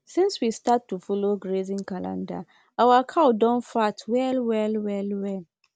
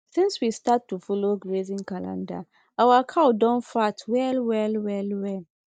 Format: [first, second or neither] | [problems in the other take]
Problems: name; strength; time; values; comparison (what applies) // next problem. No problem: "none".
first | noise reduction (neural mask model DeepFilterNet 3)